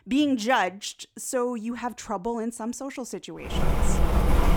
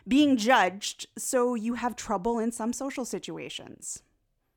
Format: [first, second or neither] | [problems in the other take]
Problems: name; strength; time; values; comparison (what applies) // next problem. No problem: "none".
second | rain or running water; very loud; from 3.5 s on; 2 dB above the speech